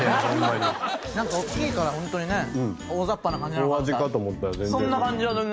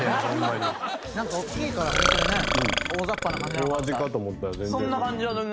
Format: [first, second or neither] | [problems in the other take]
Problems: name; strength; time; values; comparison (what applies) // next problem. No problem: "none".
first | background sound (Burping, eructation); as loud as the speech